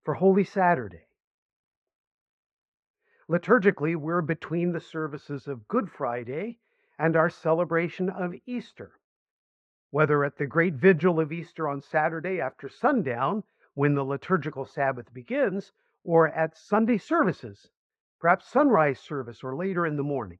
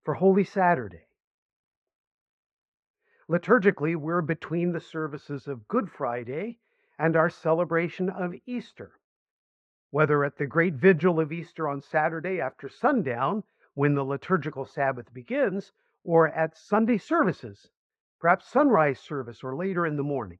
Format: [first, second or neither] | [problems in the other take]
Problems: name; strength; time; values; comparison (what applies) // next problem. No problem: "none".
neither | muffled; very; fading above 2 kHz; the same in both